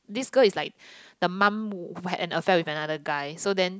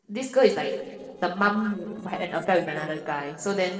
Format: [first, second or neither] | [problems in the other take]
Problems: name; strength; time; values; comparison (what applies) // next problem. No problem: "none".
first | noise reduction (neural separator model SepFormer DNS4)